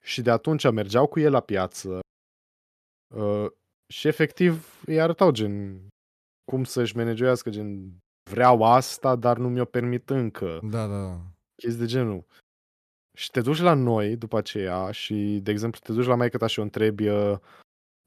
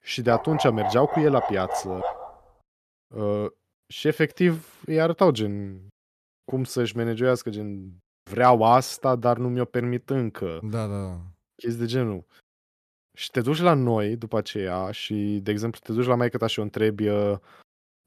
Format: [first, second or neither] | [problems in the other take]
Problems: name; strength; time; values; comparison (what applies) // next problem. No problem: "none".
first | dog barking; noticeable; until 2.5 s; peak 4 dB below the speech